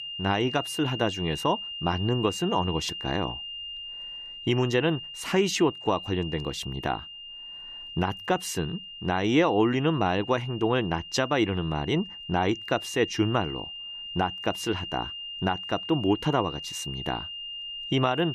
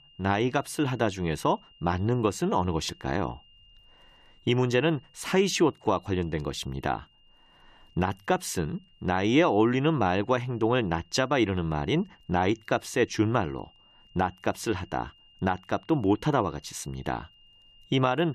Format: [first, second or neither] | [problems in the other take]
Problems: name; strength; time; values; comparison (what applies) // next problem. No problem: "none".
second | high-pitched whine; loud; throughout; 3 kHz, 8 dB below the speech; faint in the second